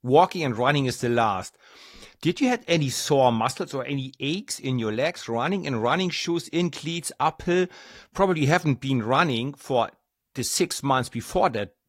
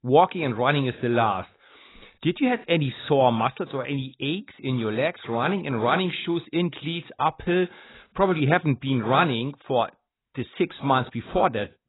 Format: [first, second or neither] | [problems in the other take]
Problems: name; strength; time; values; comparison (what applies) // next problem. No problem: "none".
first | garbled, watery; badly; nothing above 4 kHz; slightly in the first